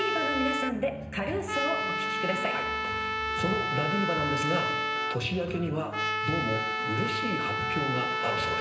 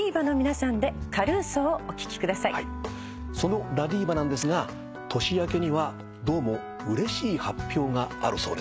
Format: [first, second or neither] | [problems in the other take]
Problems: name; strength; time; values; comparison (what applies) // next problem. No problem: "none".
second | background sound (Trumpet); 1 dB above the speech // room echo; dies away in 0.9 s